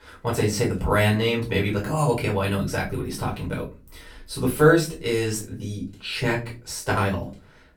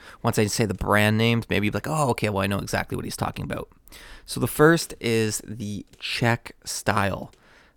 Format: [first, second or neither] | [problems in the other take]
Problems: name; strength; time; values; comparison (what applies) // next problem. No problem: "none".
second | off-mic speech; far // room echo; very slight; dies away in 0.3 s